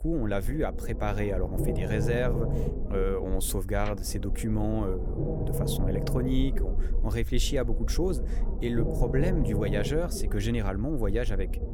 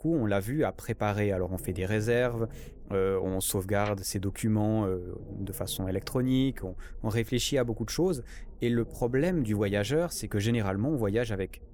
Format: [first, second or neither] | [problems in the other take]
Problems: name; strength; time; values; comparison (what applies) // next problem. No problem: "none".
second | low rumble; loud; throughout; 6 dB below the speech; faint in the second